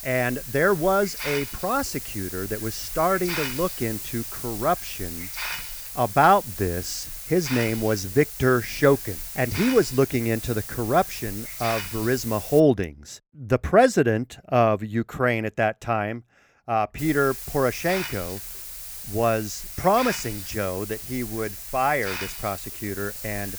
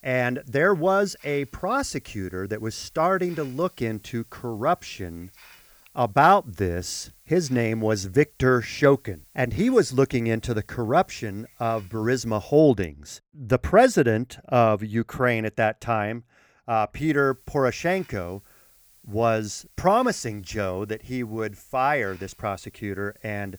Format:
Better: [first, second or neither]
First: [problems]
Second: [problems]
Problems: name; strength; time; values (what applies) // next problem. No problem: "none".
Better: second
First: hiss; loud; until 13 s and from 17 s on; 8 dB below the speech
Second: hiss; faint; until 13 s and from 17 s on; 30 dB below the speech